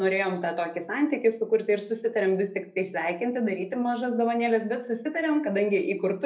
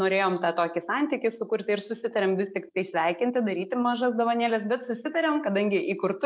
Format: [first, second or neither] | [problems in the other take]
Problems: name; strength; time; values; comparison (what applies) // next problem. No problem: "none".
second | room echo; dies away in 0.3 s